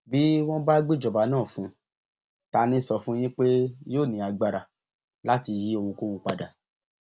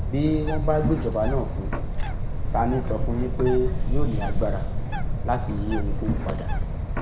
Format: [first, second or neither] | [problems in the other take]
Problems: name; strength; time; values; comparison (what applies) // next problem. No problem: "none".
first | background sound (Bird); 4 dB above the speech // room echo; dies away in 1.3 s